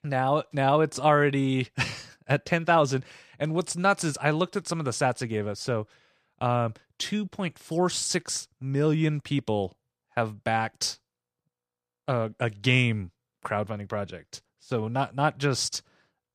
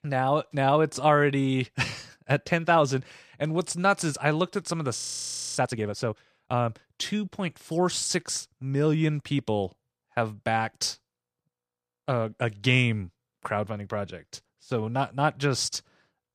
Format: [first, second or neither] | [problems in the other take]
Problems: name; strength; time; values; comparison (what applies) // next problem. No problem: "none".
first | audio freezing; at 5 s for 0.5 s